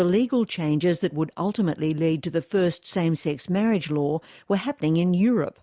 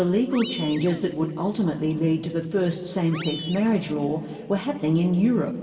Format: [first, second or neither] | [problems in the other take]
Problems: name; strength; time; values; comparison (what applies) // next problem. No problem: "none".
first | background sound (Animal); 17 dB below the speech // room echo; dies away in 2.6 s